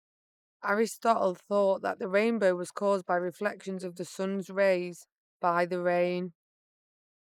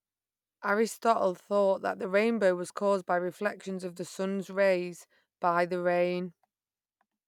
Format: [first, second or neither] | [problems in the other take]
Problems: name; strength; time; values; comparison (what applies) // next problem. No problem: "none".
second | noise reduction (neural mask model Resemble Enhance denoiser)